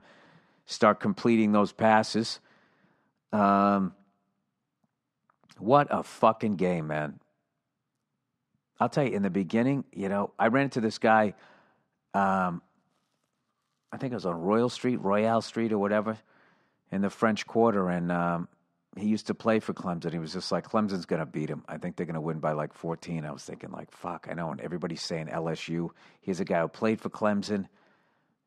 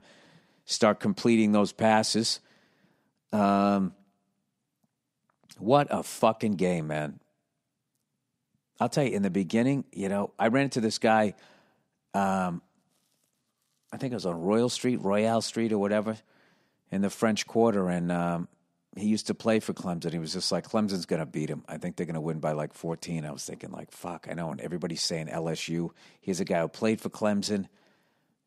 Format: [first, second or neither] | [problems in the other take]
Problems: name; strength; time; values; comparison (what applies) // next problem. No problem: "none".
second | muffled; slightly; fading above 1.5 kHz